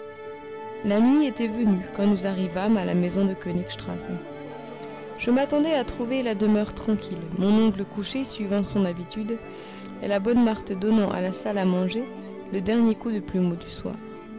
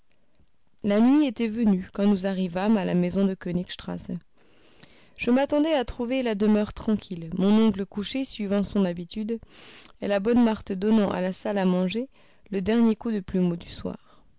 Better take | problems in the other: second | background sound (Musical instrument); 13 dB below the speech

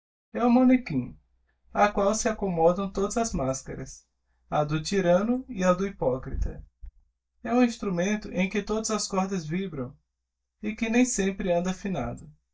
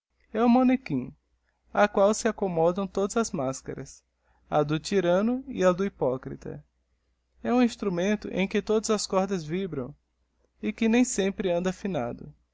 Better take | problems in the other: second | noise reduction (neural mask model DeepFilterNet 3)

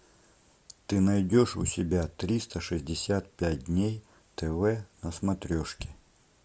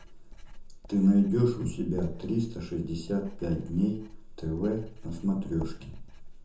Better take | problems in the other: first | background sound (Writing); 12 dB below the speech // room echo; dies away in 0.5 s

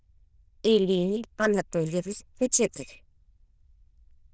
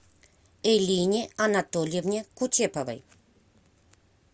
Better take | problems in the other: second | noise reduction (neural diffusion model UNIVERSE++)

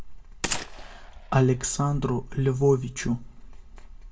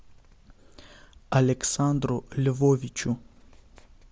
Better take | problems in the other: second | background sound (Gunshot, gunfire); 11 dB below the speech // room echo; dies away in 0.2 s

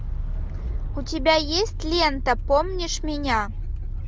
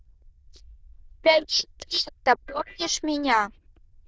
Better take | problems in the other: first | noise reduction (neural diffusion model UNIVERSE++)

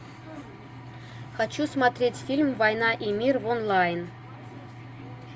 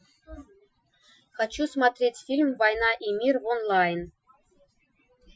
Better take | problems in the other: first | noise reduction (classical method Wiener filter)

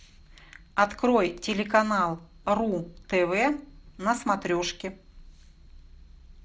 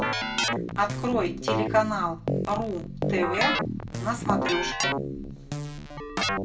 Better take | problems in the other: first | background sound (Keyboard (musical)); 1 dB above the speech // room echo; dies away in 0.2 s

